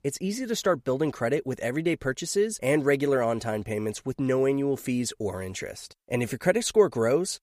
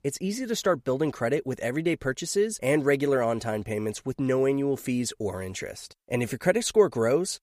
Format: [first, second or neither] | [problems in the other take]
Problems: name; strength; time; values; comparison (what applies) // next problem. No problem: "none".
neither | none